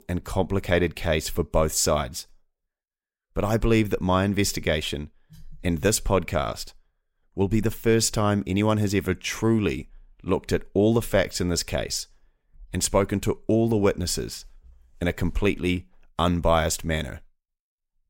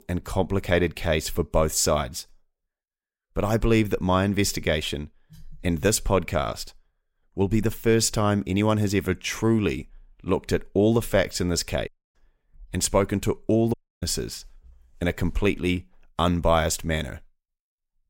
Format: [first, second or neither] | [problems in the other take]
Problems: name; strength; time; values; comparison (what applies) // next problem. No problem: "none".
first | audio cutting out; at 12 s and at 14 s